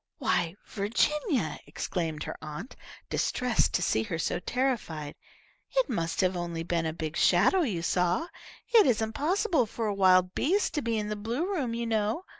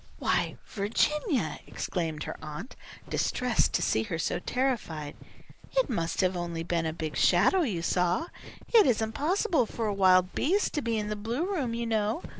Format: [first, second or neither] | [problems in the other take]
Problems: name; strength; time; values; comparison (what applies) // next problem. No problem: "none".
first | background sound (Walk, footsteps); 14 dB below the speech